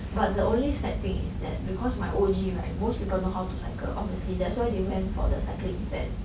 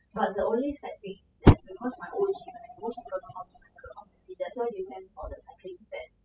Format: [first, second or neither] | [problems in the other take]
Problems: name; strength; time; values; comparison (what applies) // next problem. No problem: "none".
first | noise reduction (classical method spectral subtraction)